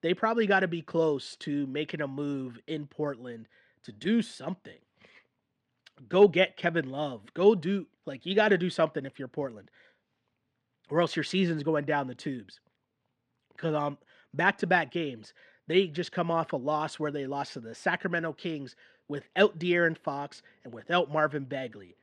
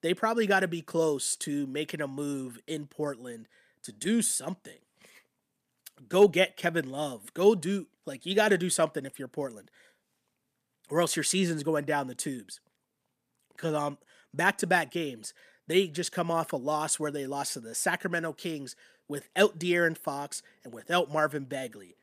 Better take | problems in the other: second | muffled; slightly; fading above 4 kHz

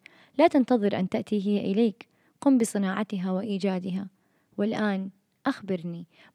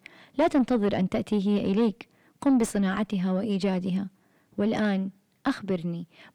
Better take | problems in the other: first | distortion; slight; 10 dB below the speech

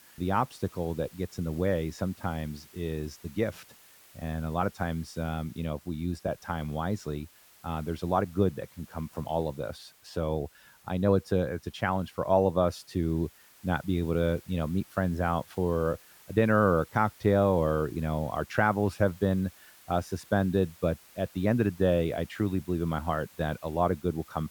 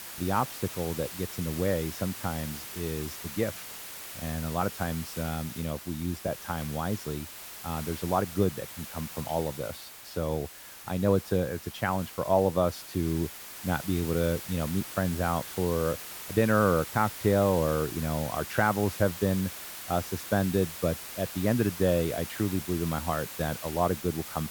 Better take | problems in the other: first | hiss; loud; throughout; 9 dB below the speech; faint in the first

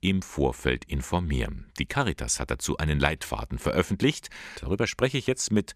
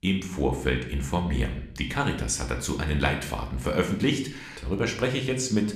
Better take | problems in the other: first | room echo; slight; dies away in 0.5 s

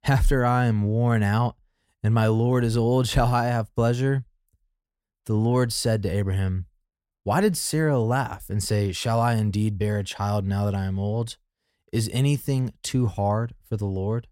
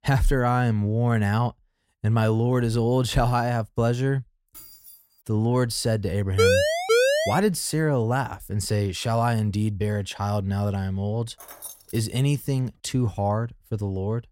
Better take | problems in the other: first | jangling keys; faint; at 4.5 s and at 11 s; peak 15 dB below the speech // siren; loud; from 6.5 to 7.5 s; peak 5 dB above the speech

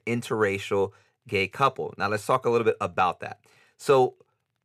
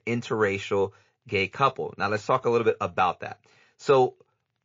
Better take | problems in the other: first | garbled, watery; slightly

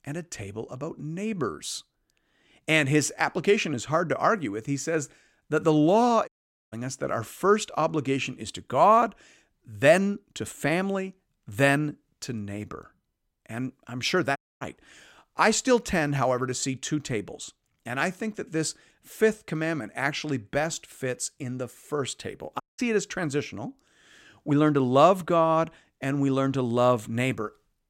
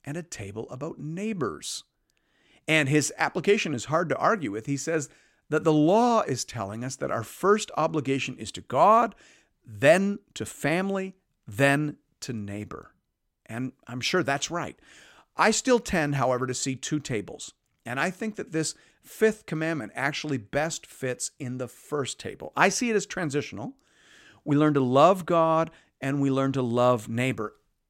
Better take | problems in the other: second | audio cutting out; at 6.5 s, at 14 s and at 23 s

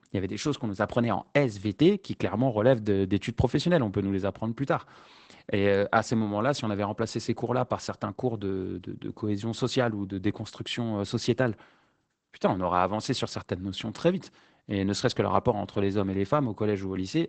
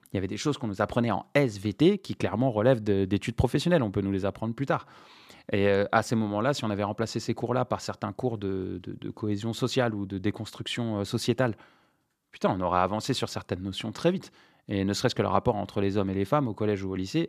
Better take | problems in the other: second | garbled, watery; badly; nothing above 8 kHz

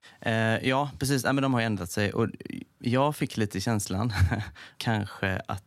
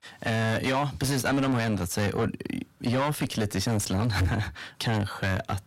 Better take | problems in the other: first | distortion; heavy; 6 dB below the speech

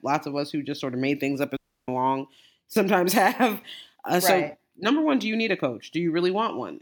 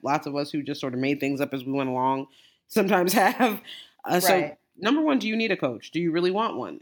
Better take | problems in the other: second | audio cutting out; at 1.5 s

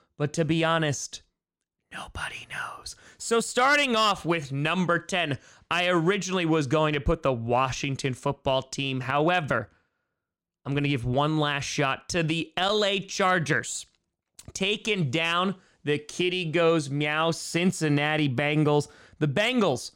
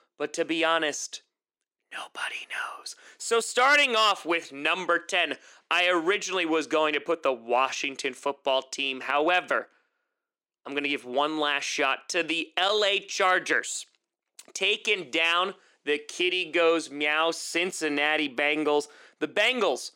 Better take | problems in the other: first | thin; somewhat; fading below 300 Hz

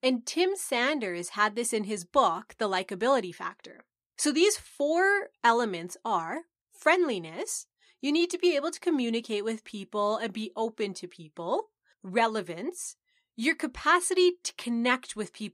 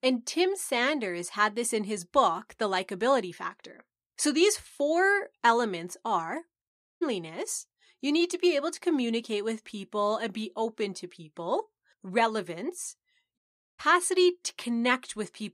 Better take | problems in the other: first | audio cutting out; at 6.5 s and at 13 s

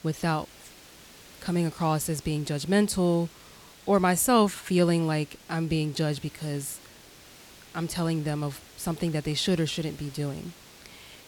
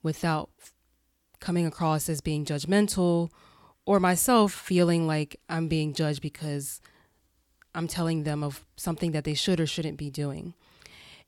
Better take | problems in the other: second | hiss; faint; throughout; 20 dB below the speech

